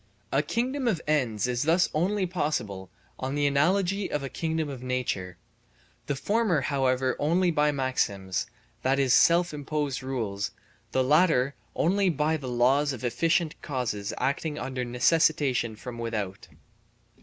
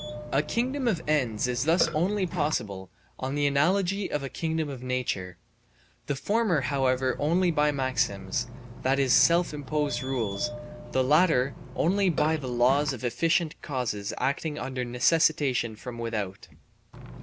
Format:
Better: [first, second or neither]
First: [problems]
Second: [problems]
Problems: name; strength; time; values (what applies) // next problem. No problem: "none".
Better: first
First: none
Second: background sound (Burping, eructation); 13 dB below the speech